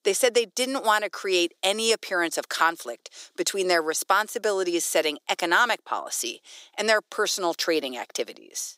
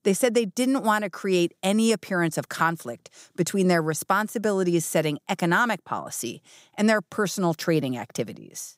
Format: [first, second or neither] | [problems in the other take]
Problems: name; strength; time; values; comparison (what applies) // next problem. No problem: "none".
second | thin; very; fading below 350 Hz